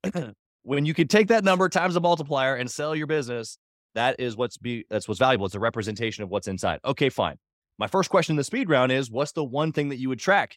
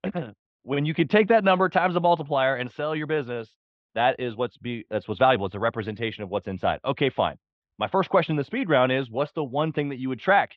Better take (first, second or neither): first